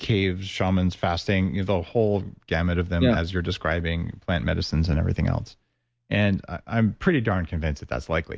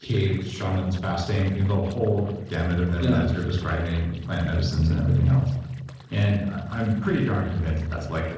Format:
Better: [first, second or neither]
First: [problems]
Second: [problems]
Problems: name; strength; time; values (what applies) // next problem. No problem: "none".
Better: first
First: none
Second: noise reduction (neural separator model SepFormer DNS4)